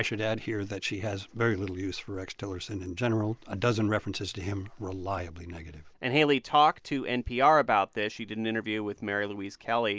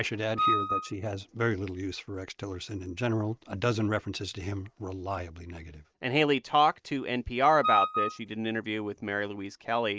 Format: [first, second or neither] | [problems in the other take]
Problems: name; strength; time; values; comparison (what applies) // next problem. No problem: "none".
first | noise reduction (neural mask model RNNoise)